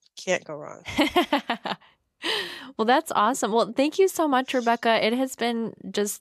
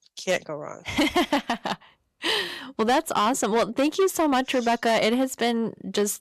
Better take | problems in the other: first | distortion; slight; 8% of the sound clipped

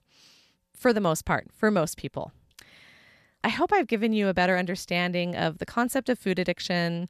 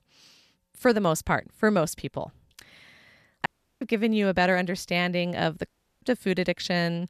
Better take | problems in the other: first | audio cutting out; at 3.5 s and at 5.5 s

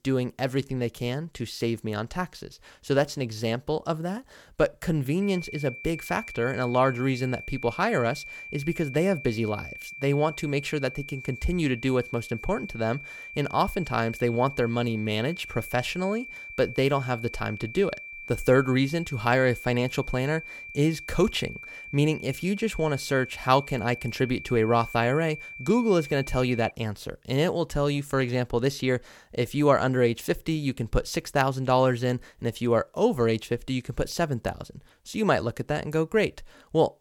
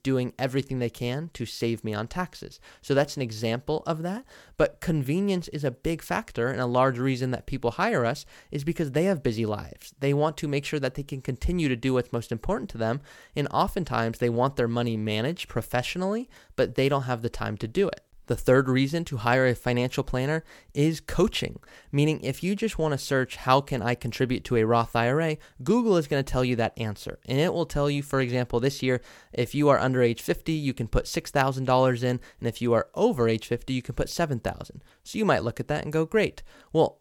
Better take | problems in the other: second | high-pitched whine; noticeable; from 5 to 27 s; 2.5 kHz, 10 dB below the speech

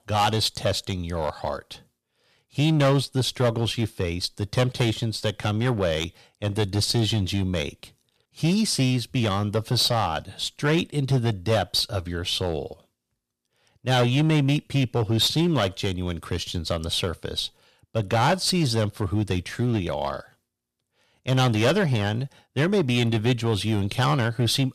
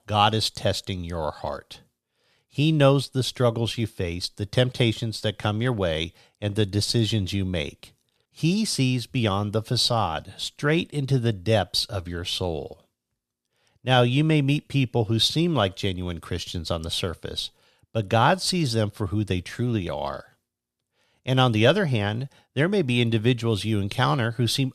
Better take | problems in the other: second | distortion; slight; 6% of the sound clipped

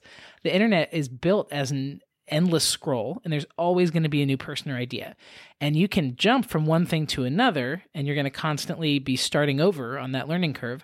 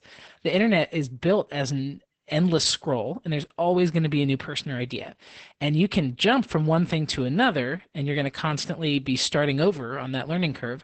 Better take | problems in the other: first | garbled, watery; badly; nothing above 8 kHz

